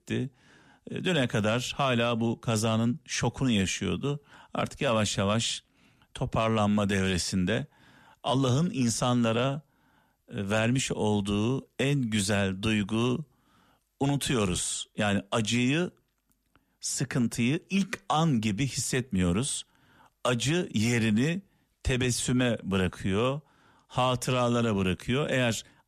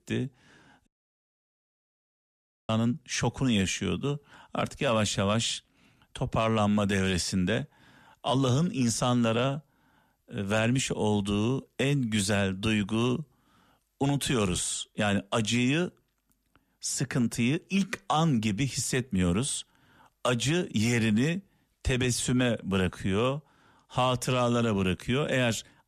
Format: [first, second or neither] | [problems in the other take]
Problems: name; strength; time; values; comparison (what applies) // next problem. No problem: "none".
first | audio cutting out; at 1 s for 2 s